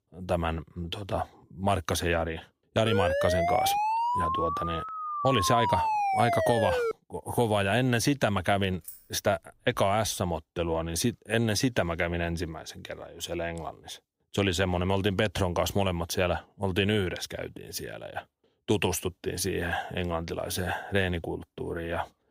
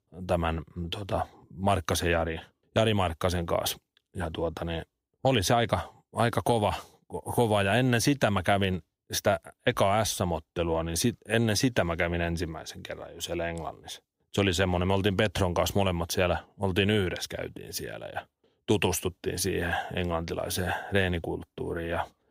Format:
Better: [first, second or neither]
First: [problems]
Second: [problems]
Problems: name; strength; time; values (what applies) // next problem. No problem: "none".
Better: second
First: siren; loud; from 3 to 7 s; peak 2 dB above the speech // jangling keys; faint; at 9 s; peak 15 dB below the speech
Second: none